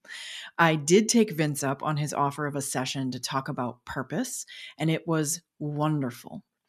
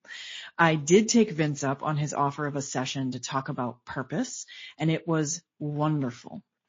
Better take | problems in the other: first | garbled, watery; slightly

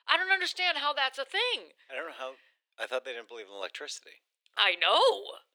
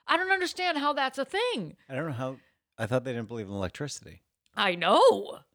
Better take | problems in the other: second | thin; very; fading below 400 Hz

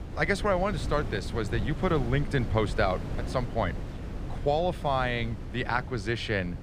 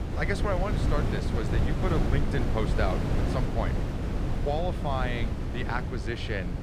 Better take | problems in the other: first | wind noise on the microphone; heavy; 4 dB below the speech; occasional gusts in the first

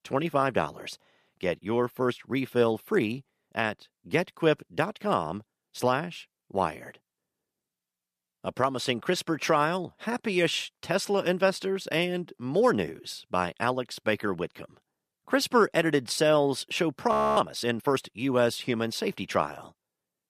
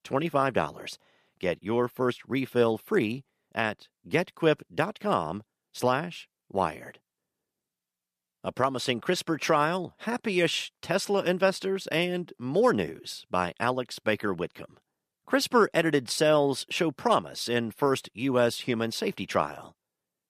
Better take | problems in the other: second | audio freezing; at 17 s

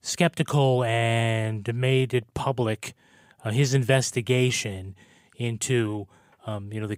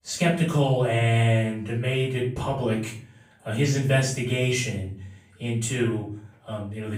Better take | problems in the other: first | off-mic speech; far // room echo; noticeable; dies away in 0.4 s

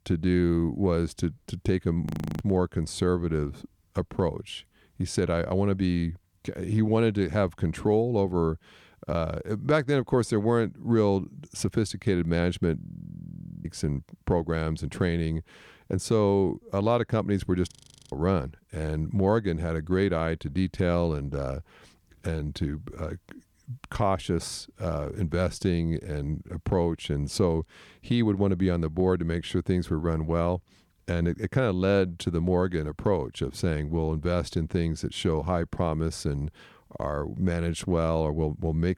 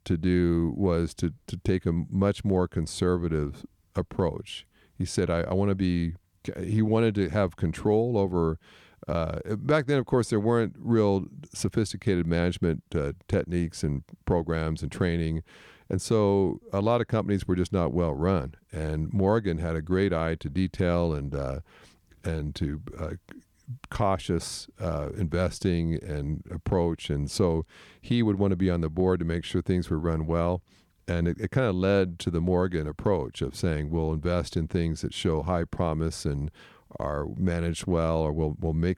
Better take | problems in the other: second | audio freezing; at 2 s, at 13 s for 1 s and at 18 s

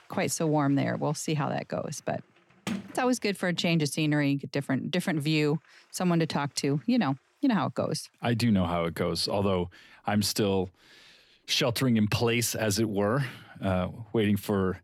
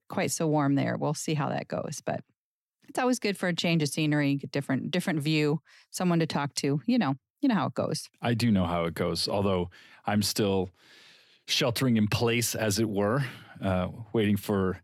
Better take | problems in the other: second | household noises; noticeable; throughout; 15 dB below the speech

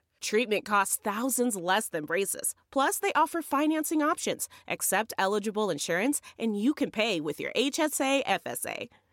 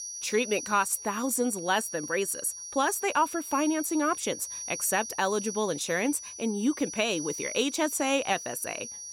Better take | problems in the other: first | high-pitched whine; loud; throughout; 6 kHz, 9 dB below the speech

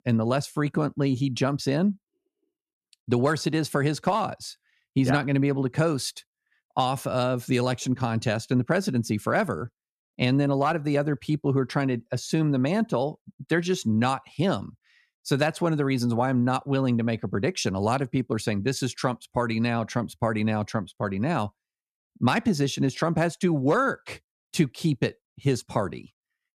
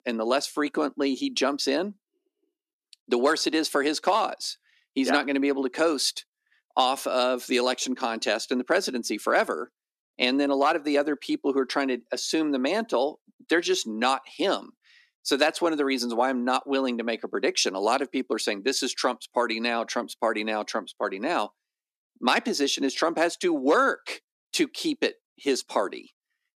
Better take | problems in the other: first | thin; somewhat; fading below 250 Hz

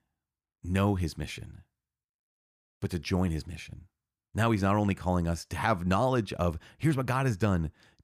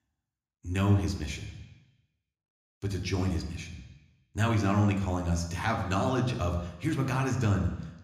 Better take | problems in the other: first | room echo; slight; dies away in 0.9 s

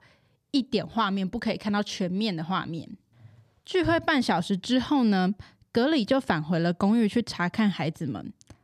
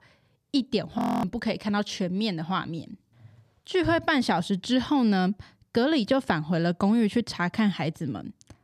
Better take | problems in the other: first | audio freezing; at 1 s

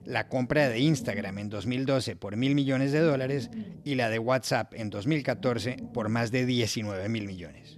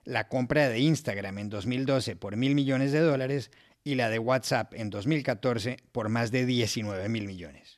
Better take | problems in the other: second | low rumble; noticeable; throughout; 20 dB below the speech

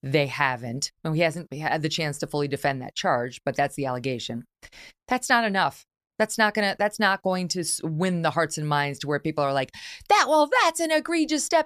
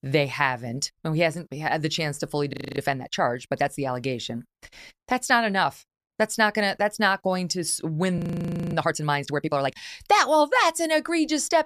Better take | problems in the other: first | audio freezing; at 2.5 s and at 8 s for 0.5 s

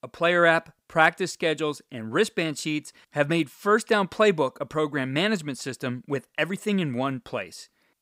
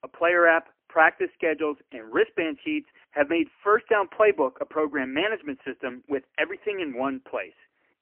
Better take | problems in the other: first | phone-call audio; poor line; nothing above 3 kHz

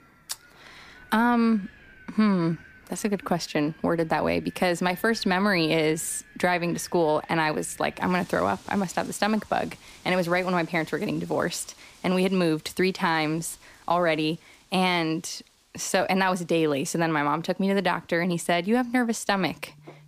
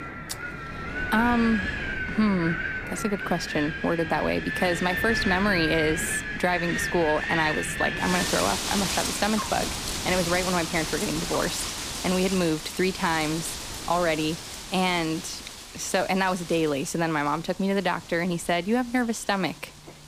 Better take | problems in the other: first | wind in the background; loud; throughout; 4 dB below the speech; faint in the first

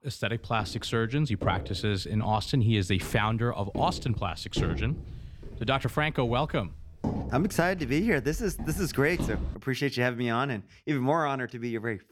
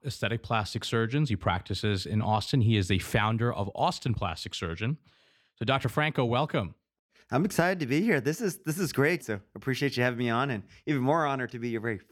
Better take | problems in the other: second | footsteps; noticeable; from 0.5 to 9.5 s; peak 3 dB below the speech

